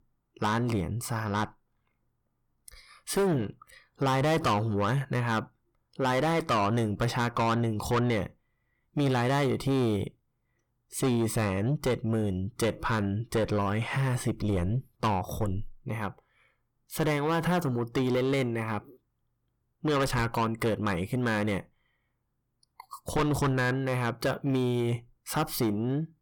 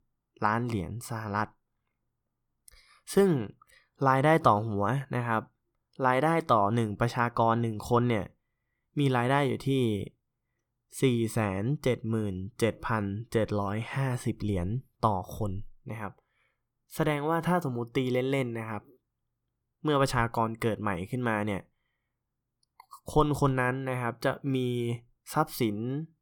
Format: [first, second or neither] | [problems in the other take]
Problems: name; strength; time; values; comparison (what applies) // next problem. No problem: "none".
second | distortion; heavy; 7 dB below the speech